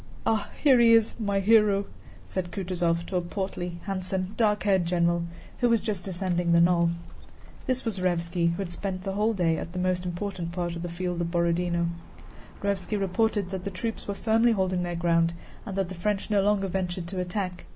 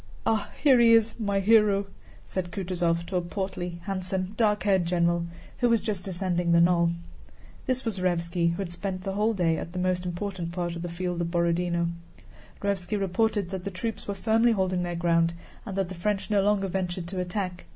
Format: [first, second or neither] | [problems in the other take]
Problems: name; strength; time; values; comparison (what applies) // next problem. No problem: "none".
second | background sound (Bird); 18 dB below the speech